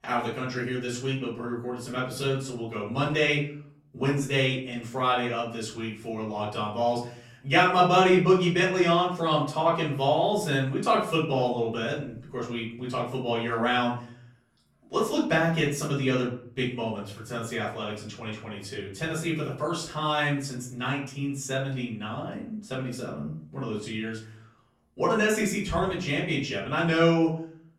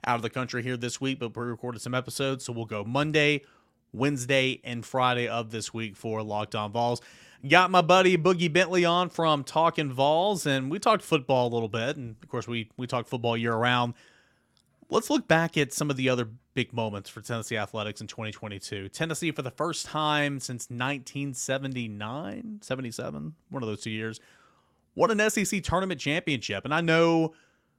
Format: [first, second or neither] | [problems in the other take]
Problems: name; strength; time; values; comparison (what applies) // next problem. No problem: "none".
second | off-mic speech; far // room echo; slight; dies away in 0.5 s